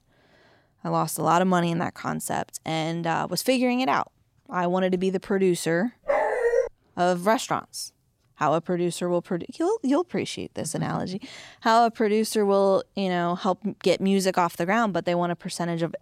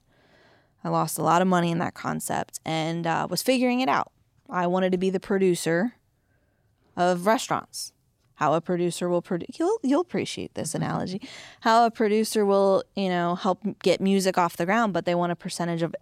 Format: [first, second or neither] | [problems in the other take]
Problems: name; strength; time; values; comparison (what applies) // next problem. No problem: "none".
second | dog barking; loud; at 6 s; peak 2 dB above the speech